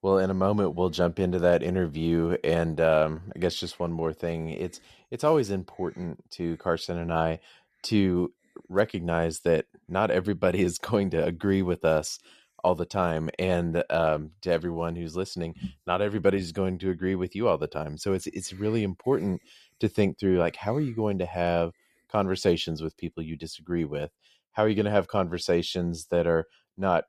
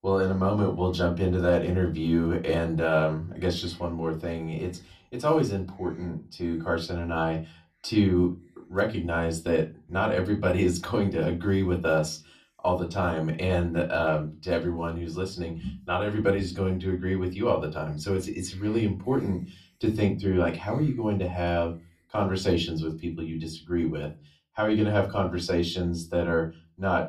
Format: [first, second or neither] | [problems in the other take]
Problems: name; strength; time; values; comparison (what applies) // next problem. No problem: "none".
first | off-mic speech; far // room echo; very slight; dies away in 0.3 s